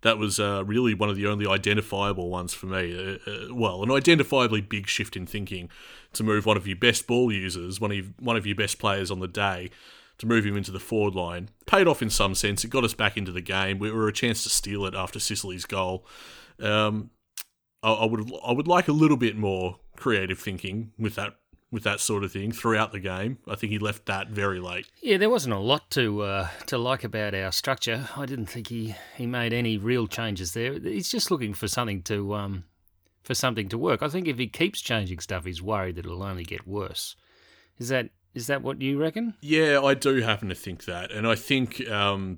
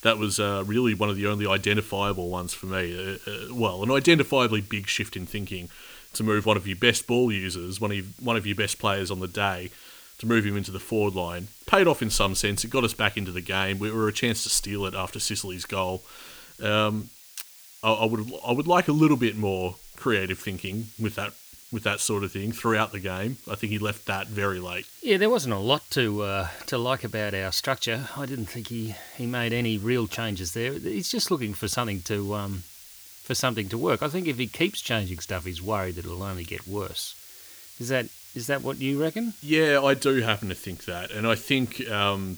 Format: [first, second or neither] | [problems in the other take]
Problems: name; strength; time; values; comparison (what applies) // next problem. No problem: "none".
first | hiss; noticeable; throughout; 20 dB below the speech